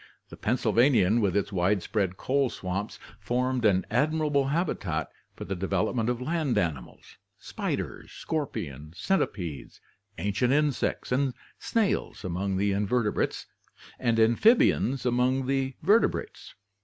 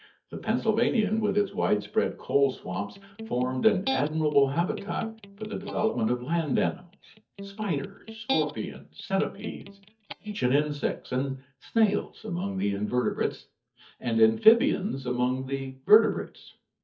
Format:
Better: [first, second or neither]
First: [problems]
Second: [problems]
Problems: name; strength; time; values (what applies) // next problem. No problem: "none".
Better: first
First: none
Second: noise reduction (neural mask model DeepFilterNet 3)